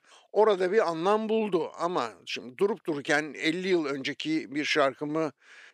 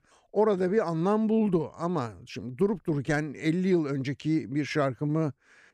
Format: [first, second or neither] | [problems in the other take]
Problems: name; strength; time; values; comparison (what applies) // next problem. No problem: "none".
second | thin; somewhat; fading below 400 Hz